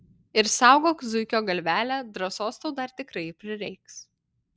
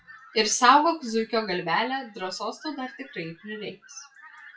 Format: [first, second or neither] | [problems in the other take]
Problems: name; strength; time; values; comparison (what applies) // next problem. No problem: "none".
first | noise reduction (classical method WPE with log-MMSE)